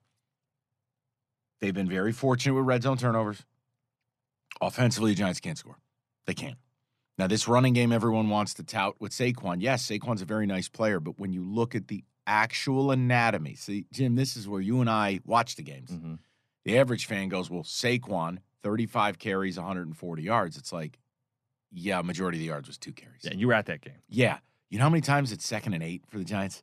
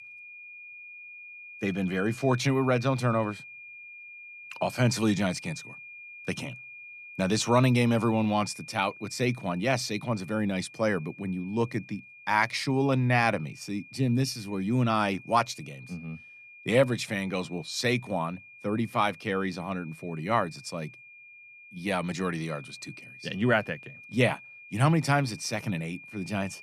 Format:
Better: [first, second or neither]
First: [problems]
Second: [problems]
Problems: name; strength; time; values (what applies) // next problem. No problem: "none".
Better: first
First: none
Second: high-pitched whine; noticeable; throughout; 2.5 kHz, 15 dB below the speech